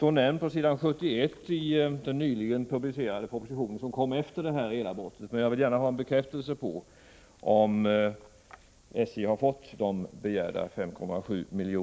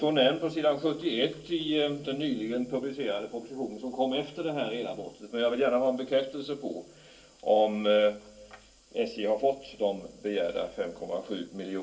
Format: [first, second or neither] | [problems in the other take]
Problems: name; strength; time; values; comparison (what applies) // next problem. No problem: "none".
first | room echo; dies away in 0.2 s